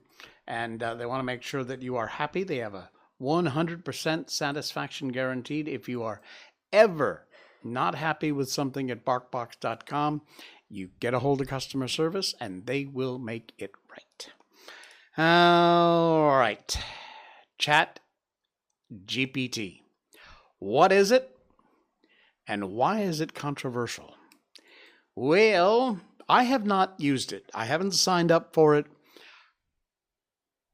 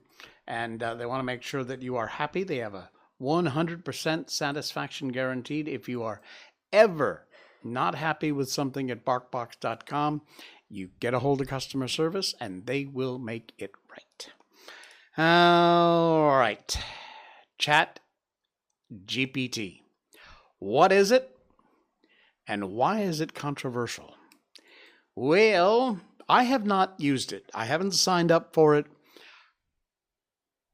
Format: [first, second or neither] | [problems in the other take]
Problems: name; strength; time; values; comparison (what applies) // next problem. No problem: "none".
neither | none